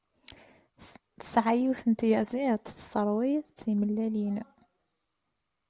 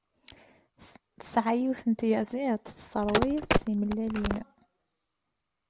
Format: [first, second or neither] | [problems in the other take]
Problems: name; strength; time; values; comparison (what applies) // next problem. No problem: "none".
first | background sound (Telephone); 1 dB above the speech